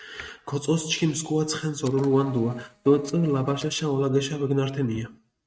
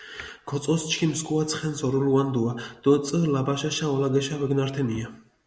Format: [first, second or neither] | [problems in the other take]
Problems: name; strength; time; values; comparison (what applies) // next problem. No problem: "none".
second | noise reduction (neural mask model RNNoise)